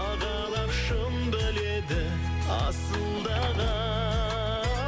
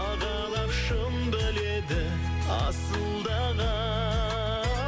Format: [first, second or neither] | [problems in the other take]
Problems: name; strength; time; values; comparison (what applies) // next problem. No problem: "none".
second | background sound (Sliding door); 17 dB below the speech